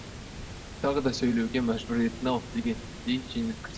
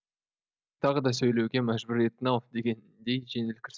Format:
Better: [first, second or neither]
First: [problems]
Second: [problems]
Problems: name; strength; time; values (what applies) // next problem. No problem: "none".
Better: second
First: background sound (Water); 11 dB below the speech // room echo; dies away in 1.7 s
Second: none